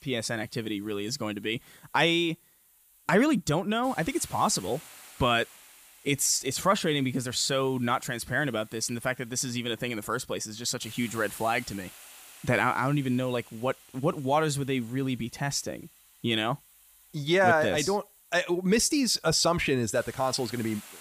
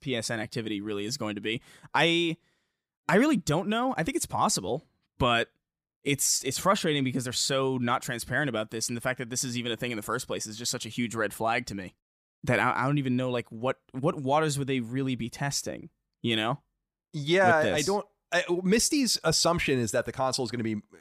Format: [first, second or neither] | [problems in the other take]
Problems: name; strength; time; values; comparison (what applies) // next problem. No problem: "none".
second | hiss; faint; throughout; 20 dB below the speech